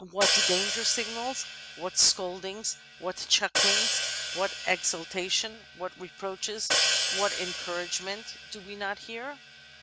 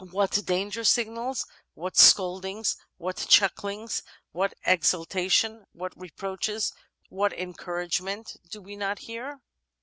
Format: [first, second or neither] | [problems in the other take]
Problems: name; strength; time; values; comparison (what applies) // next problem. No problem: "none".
second | background sound (Hi-hat); as loud as the speech